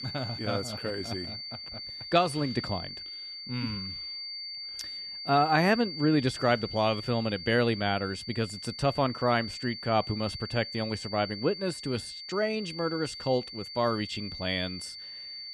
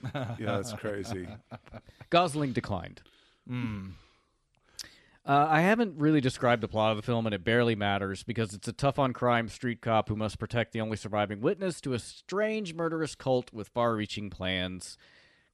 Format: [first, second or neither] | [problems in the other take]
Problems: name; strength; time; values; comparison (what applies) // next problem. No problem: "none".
second | high-pitched whine; loud; throughout; 4.5 kHz, 8 dB below the speech